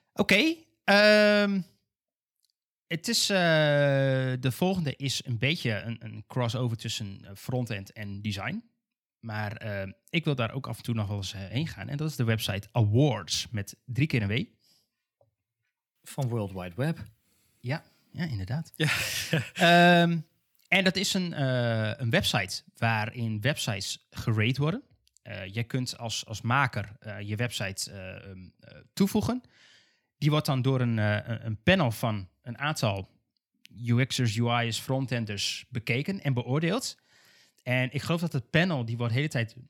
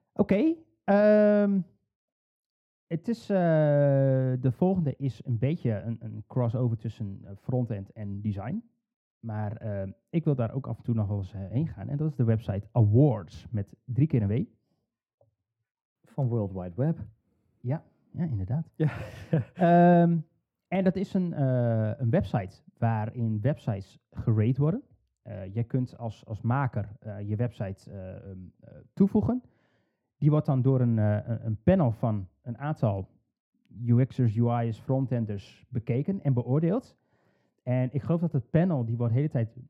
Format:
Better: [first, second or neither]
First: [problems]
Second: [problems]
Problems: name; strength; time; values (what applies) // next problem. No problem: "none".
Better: first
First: none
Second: muffled; very; fading above 1.5 kHz